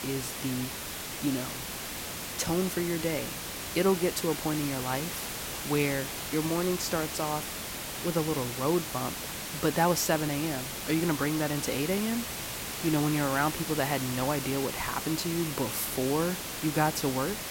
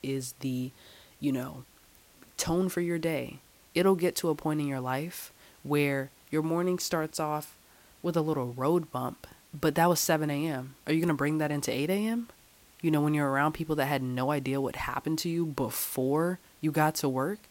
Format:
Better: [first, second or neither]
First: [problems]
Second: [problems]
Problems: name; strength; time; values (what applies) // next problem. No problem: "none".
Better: second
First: hiss; loud; throughout; 4 dB below the speech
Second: hiss; faint; throughout; 30 dB below the speech